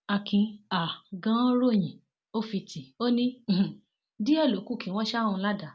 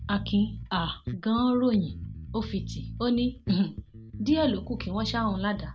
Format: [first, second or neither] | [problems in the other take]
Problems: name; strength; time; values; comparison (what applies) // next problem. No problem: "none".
first | background sound (Bass guitar); 10 dB below the speech